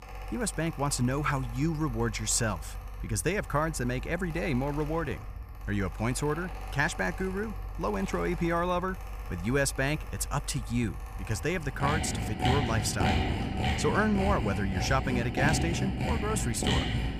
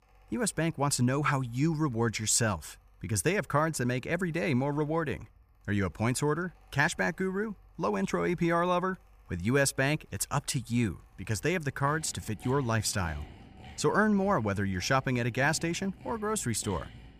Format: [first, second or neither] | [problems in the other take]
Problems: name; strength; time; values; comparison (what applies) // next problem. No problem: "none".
second | machinery noise; loud; throughout; 4 dB below the speech; faint in the second